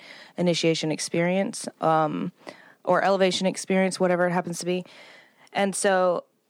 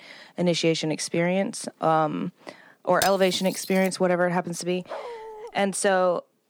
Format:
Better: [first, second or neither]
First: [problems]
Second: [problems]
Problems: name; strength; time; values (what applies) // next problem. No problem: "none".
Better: first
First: none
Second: clattering dishes; noticeable; at 3 s; peak 6 dB below the speech // dog barking; faint; at 5 s; peak 10 dB below the speech